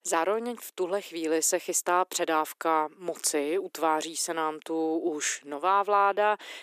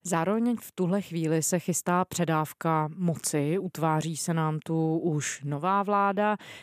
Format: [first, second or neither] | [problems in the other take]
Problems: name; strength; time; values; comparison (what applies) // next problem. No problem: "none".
second | thin; very; fading below 300 Hz